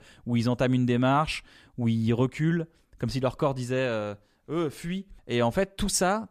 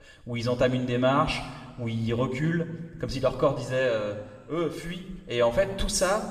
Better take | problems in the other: first | room echo; slight; dies away in 1.5 s // off-mic speech; somewhat distant

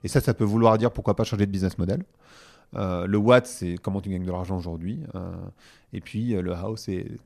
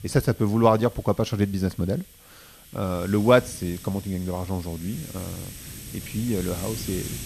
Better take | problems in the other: first | hiss; noticeable; throughout; 15 dB below the speech

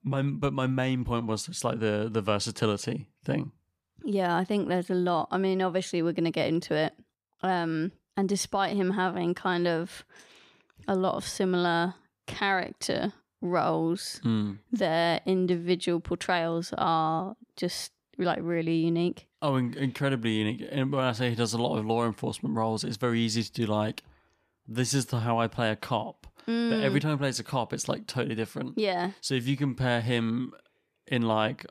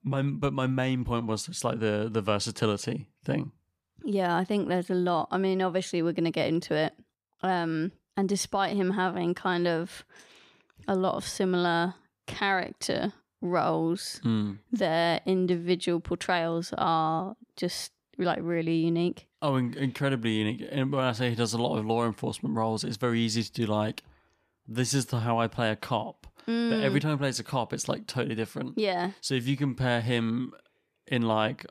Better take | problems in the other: neither | none

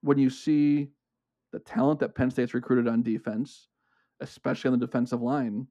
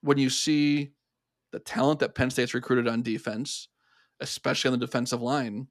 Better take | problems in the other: second | muffled; slightly; fading above 2 kHz

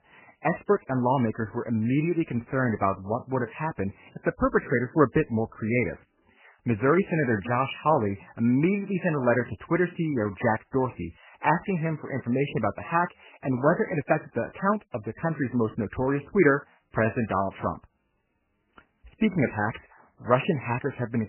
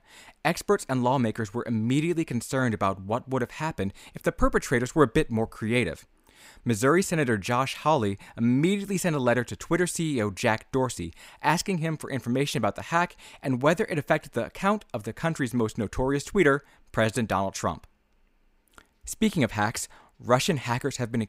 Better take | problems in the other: second | garbled, watery; badly; nothing above 3 kHz

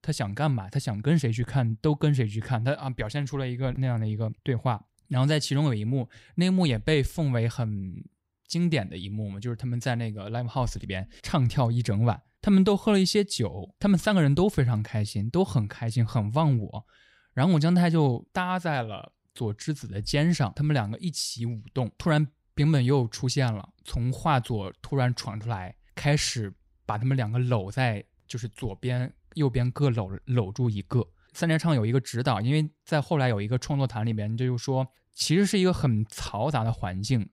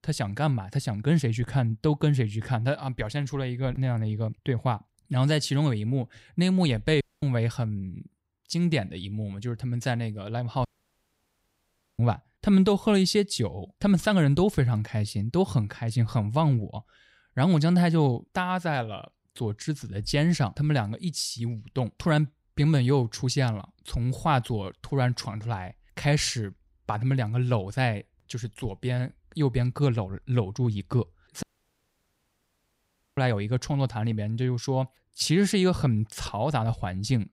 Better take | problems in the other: first | audio cutting out; at 7 s, at 11 s for 1.5 s and at 31 s for 1.5 s

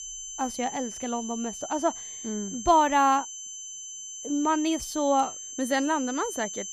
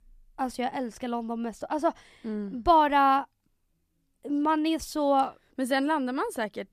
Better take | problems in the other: second | high-pitched whine; loud; throughout; 6 kHz, 9 dB below the speech

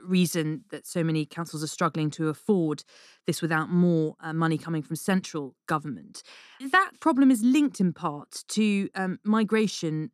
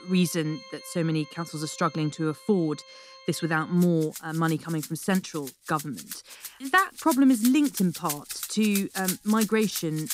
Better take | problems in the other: first | background music; noticeable; throughout; 10 dB below the speech

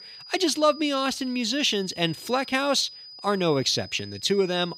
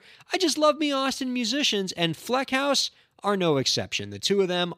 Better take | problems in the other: second | high-pitched whine; noticeable; throughout; 5 kHz, 15 dB below the speech

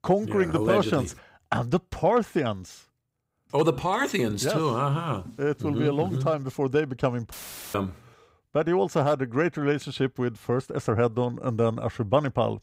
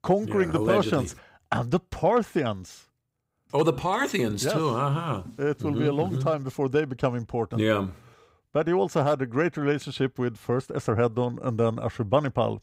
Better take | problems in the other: second | audio cutting out; filled with static; at 7.5 s

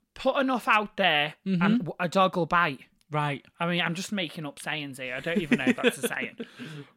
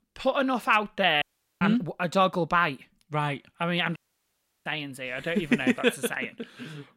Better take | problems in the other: first | audio cutting out; at 1 s and at 4 s for 0.5 s

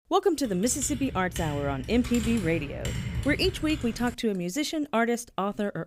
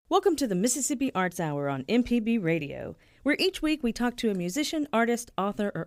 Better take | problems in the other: second | keyboard typing; noticeable; until 4 s; peak 5 dB below the speech

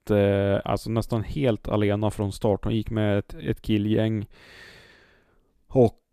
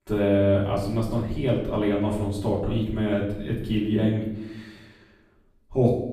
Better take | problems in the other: first | off-mic speech; far // room echo; noticeable; dies away in 0.8 s

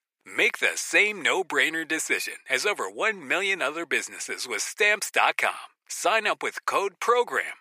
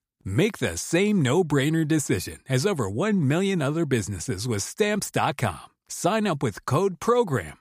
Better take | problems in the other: second | thin; very; fading below 450 Hz

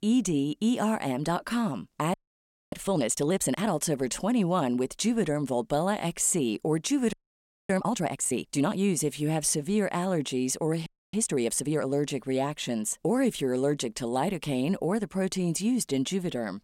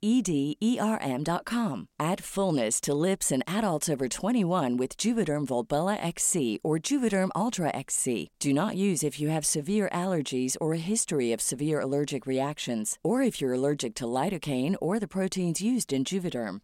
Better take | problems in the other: second | audio freezing; at 2 s for 0.5 s, at 7 s for 0.5 s and at 11 s

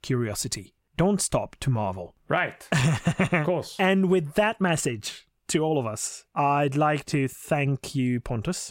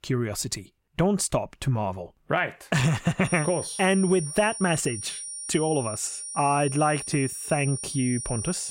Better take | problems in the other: first | high-pitched whine; loud; from 3.5 s on; 9.5 kHz, 7 dB below the speech

